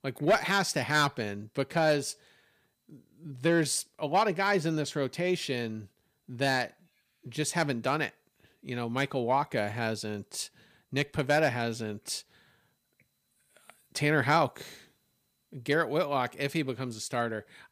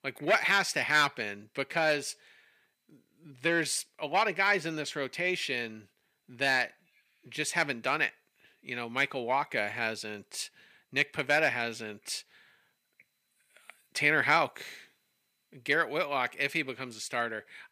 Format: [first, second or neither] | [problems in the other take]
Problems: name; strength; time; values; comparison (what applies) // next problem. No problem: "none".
first | thin; somewhat; fading below 650 Hz